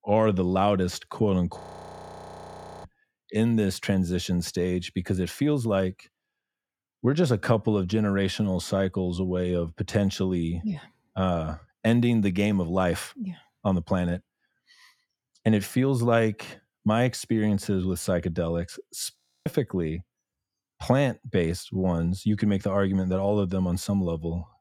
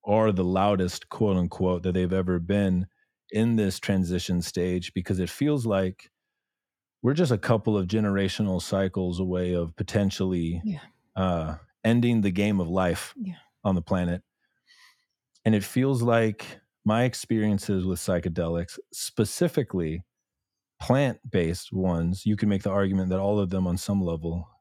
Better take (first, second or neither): second